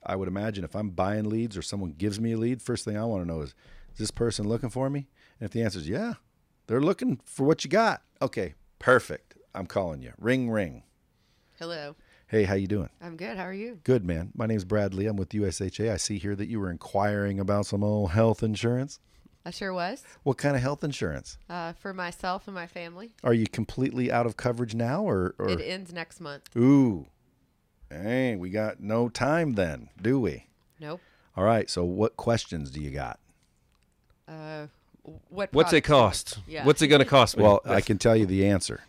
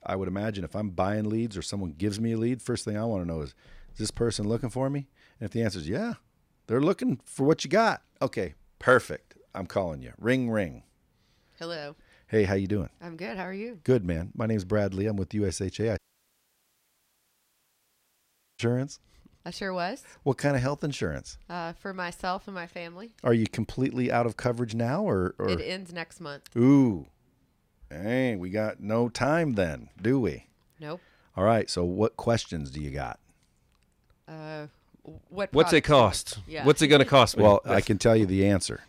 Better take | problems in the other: first | audio cutting out; at 16 s for 2.5 s

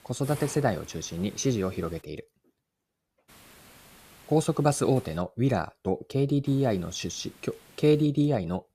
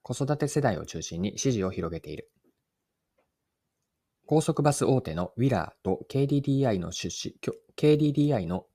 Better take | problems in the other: second | hiss; faint; until 2 s, from 3.5 to 5 s and from 6.5 to 8 s; 20 dB below the speech

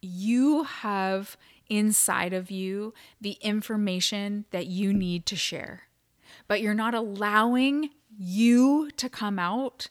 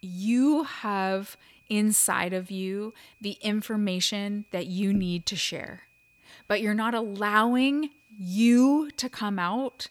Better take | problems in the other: first | high-pitched whine; faint; throughout; 2.5 kHz, 35 dB below the speech

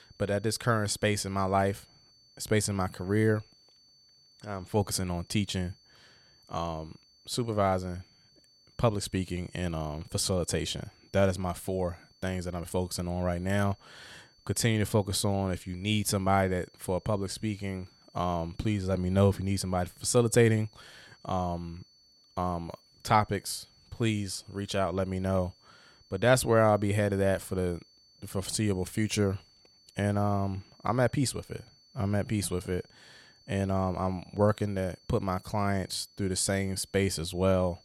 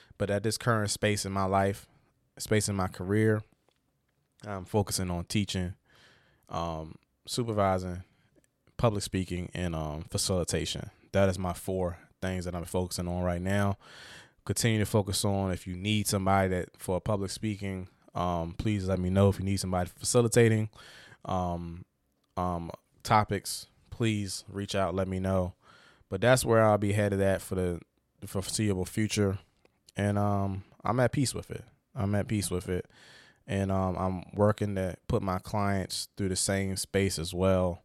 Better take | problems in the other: second | high-pitched whine; faint; throughout; 4.5 kHz, 30 dB below the speech

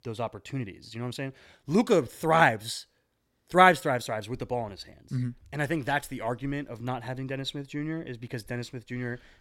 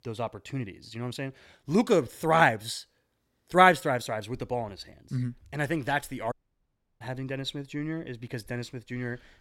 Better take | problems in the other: first | audio cutting out; at 6.5 s for 0.5 s

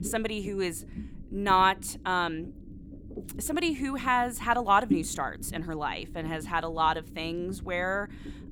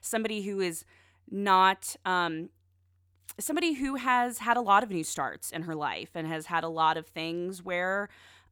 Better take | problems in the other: second | low rumble; noticeable; throughout; 20 dB below the speech

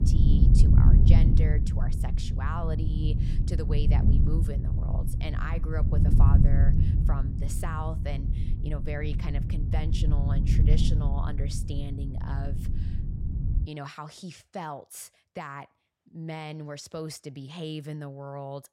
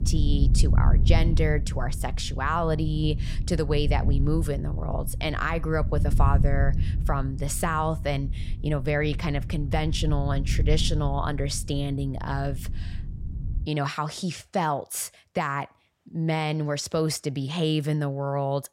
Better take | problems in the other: second | wind noise on the microphone; heavy; until 14 s; 1 dB below the speech; occasional gusts in the second

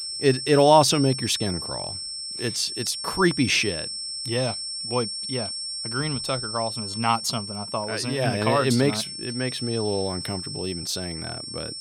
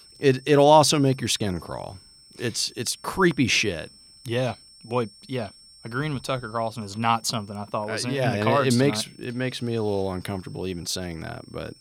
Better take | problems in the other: second | high-pitched whine; loud; throughout; 5.5 kHz, 6 dB below the speech; faint in the second

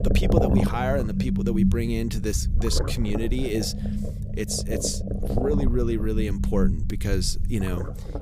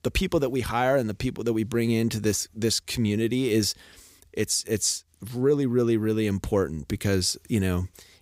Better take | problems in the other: second | low rumble; loud; throughout; 3 dB below the speech

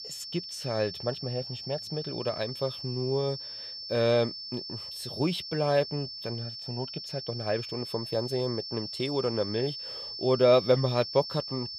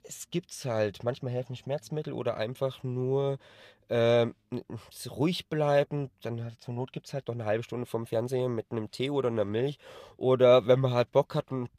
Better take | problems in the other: second | high-pitched whine; loud; throughout; 5.5 kHz, 7 dB below the speech

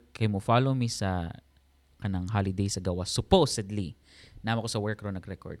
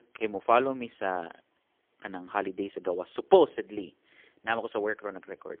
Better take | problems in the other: first | phone-call audio; poor line; nothing above 3.5 kHz

